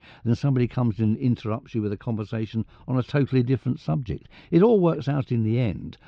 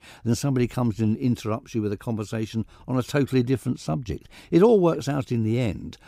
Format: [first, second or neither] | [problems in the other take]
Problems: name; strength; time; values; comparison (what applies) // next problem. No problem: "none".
second | muffled; slightly; fading above 4 kHz